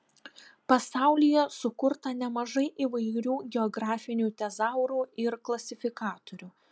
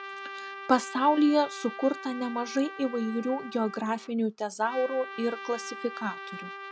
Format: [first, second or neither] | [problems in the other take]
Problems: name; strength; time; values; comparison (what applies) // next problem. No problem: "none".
first | background sound (Trumpet); 12 dB below the speech